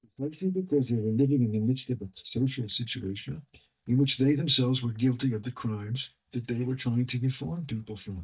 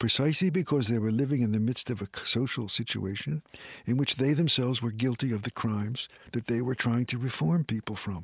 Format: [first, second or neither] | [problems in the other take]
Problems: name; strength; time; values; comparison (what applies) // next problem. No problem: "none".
second | noise reduction (neural mask model DeepFilterNet 3)